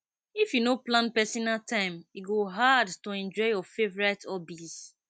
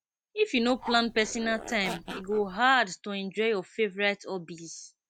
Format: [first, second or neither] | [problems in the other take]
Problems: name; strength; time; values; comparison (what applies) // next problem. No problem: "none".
first | background sound (Zipper (clothing)); 12 dB below the speech